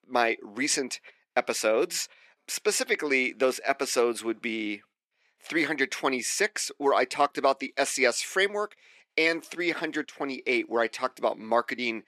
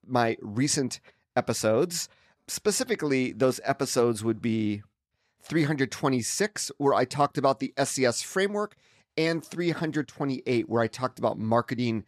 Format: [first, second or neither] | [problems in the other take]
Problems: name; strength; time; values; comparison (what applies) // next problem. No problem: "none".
second | thin; somewhat; fading below 300 Hz